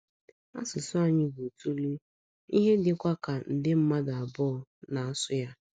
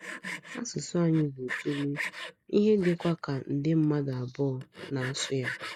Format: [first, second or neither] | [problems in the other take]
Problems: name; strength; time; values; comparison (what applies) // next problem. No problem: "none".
first | noise reduction (neural mask model Resemble Enhance denoiser)